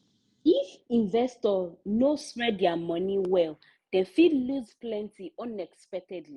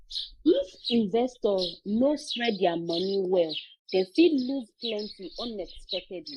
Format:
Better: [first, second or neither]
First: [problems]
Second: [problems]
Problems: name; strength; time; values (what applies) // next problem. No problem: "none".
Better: first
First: none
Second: noise reduction (neural mask model Resemble Enhance denoiser)